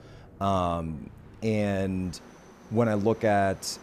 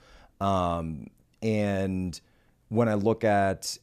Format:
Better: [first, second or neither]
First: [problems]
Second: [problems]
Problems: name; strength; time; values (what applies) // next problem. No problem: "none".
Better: second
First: train or aircraft noise; faint; throughout; 20 dB below the speech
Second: none